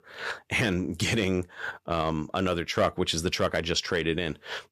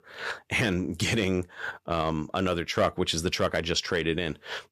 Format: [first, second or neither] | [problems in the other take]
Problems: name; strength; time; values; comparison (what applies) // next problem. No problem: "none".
neither | none